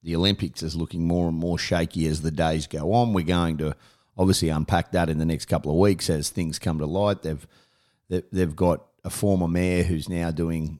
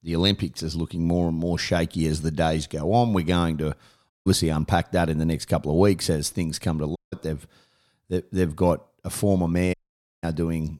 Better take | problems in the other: first | audio cutting out; at 4 s, at 7 s and at 9.5 s

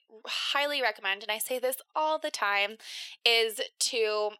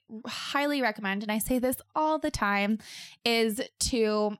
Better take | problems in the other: second | thin; very; fading below 450 Hz

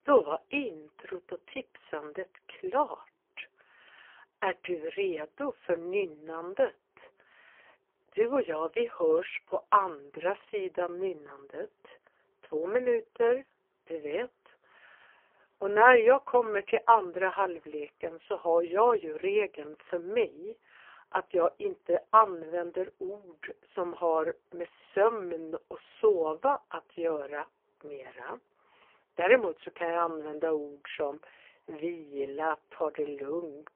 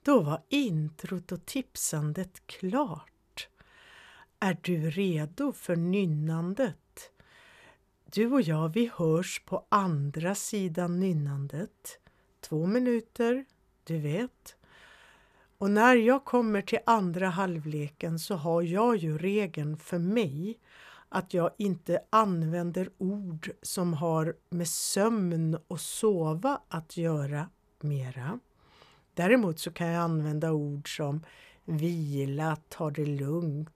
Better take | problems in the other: second | phone-call audio; poor line

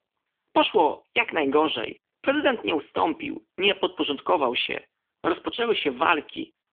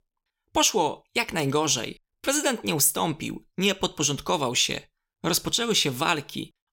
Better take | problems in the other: second | phone-call audio; poor line; nothing above 3.5 kHz

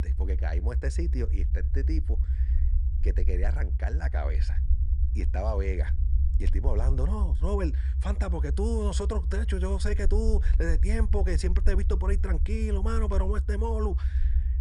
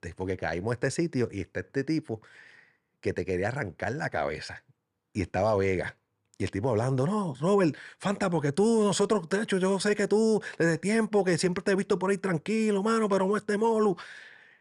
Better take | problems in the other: second | low rumble; noticeable; throughout; 10 dB below the speech

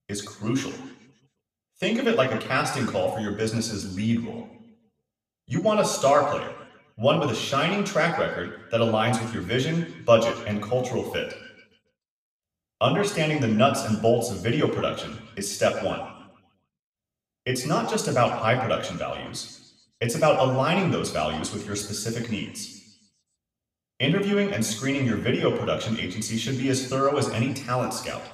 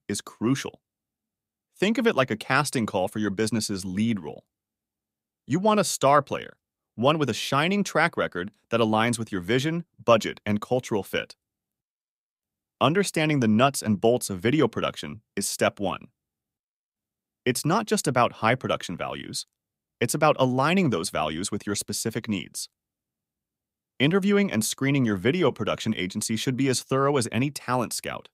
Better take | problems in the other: second | room echo; slight; dies away in 1 s // off-mic speech; somewhat distant

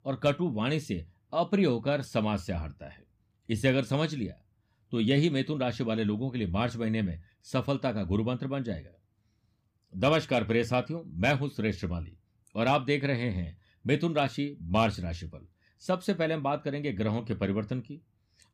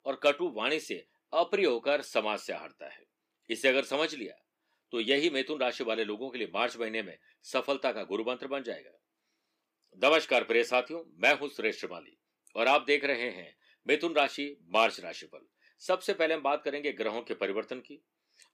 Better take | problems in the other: first | thin; somewhat; fading below 350 Hz

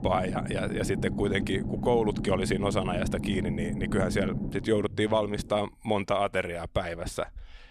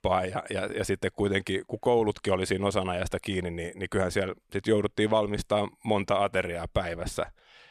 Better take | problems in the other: second | low rumble; noticeable; throughout; 10 dB below the speech

